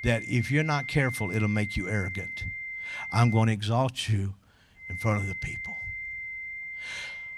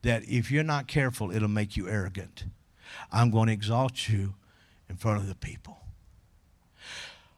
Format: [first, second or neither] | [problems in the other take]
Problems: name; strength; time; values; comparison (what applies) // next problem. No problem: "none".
second | high-pitched whine; loud; until 3.5 s and from 5 s on; 2 kHz, 7 dB below the speech